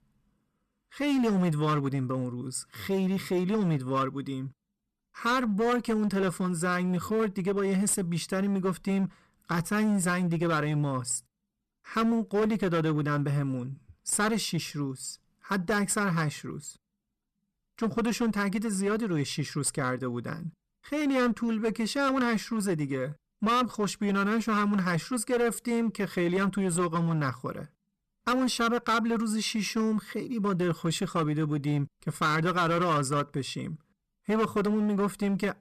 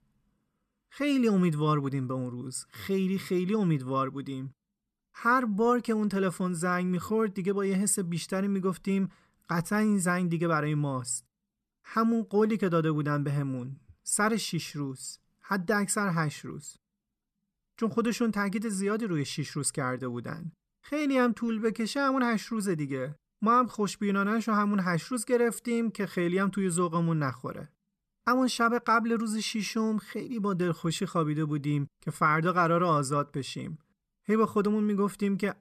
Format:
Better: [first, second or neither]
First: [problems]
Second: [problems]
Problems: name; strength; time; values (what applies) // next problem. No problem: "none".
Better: second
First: distortion; slight; 11% of the sound clipped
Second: none